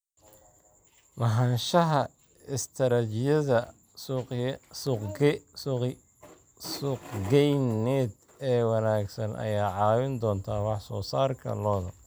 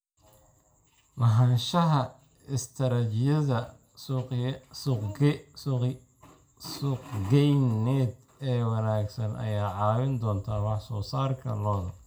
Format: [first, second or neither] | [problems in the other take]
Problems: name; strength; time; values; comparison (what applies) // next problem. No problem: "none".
first | room echo; dies away in 0.3 s